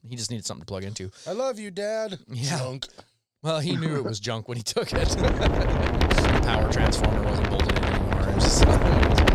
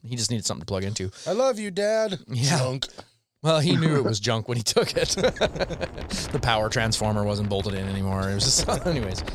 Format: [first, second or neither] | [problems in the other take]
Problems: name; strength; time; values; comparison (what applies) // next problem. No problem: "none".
second | wind noise on the microphone; heavy; from 5 s on; 4 dB above the speech; occasional gusts in the second